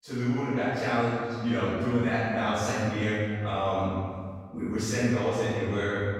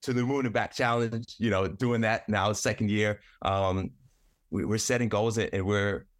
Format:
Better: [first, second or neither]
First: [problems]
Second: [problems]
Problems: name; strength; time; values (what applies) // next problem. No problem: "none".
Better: second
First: off-mic speech; far // room echo; strong; dies away in 1.7 s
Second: none